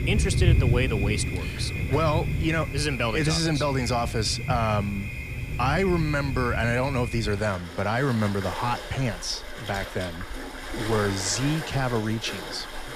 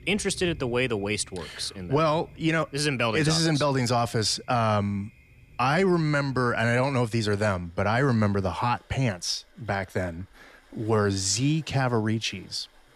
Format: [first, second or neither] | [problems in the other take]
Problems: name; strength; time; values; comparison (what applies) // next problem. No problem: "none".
second | rain or running water; loud; throughout; 4 dB below the speech; faint in the second